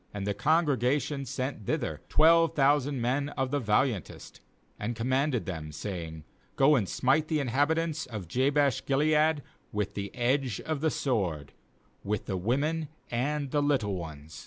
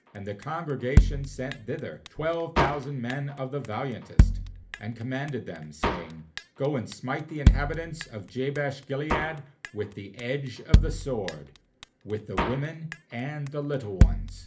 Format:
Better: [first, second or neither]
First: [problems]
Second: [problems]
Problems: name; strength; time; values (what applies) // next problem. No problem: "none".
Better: first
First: none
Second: background sound (Drum kit); 5 dB above the speech // room echo; dies away in 0.3 s